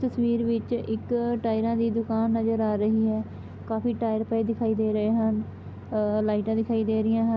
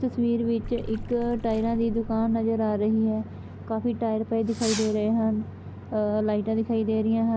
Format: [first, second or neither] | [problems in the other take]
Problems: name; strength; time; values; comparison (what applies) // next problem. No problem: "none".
first | background sound (Water / Splash, splatter + Fireworks); 13 dB below the speech